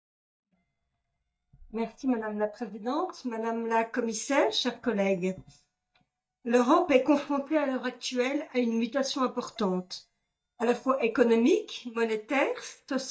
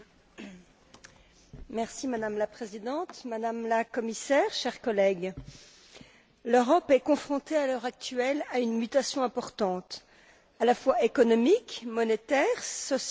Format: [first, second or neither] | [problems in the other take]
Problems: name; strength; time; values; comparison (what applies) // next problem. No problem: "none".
second | noise reduction (neural mask model DeepFilterNet 3)